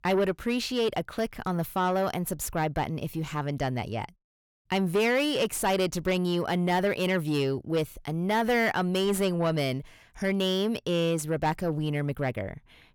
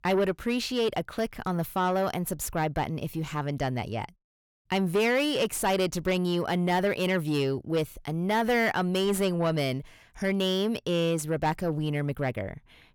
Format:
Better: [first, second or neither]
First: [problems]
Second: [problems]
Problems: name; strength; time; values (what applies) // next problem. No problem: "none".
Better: neither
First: distortion; slight; 10 dB below the speech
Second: distortion; slight; 10 dB below the speech